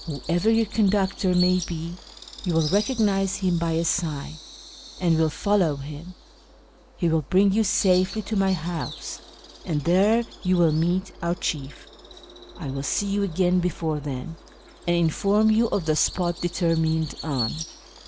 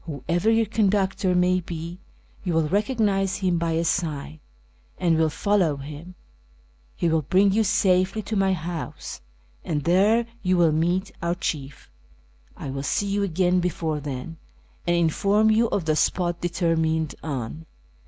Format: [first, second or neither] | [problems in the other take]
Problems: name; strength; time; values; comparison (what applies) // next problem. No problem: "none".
second | background sound (Bird vocalization, bird call, bird song); 16 dB below the speech